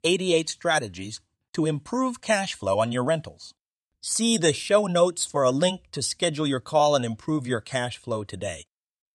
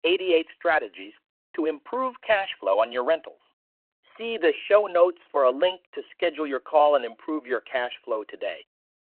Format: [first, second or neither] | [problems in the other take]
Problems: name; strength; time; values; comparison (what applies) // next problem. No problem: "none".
first | phone-call audio